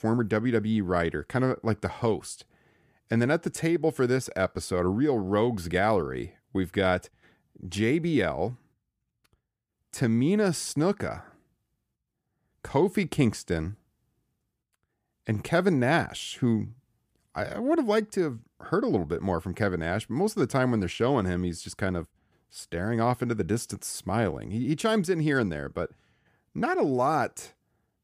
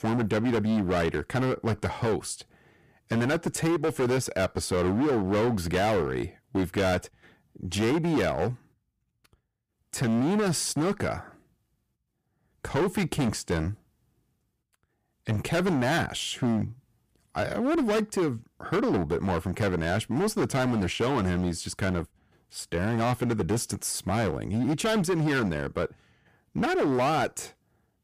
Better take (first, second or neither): first